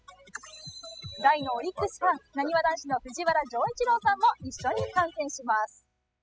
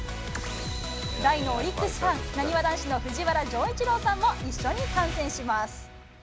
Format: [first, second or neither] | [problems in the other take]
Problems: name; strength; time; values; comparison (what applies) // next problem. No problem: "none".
second | noise reduction (classical method spectral subtraction)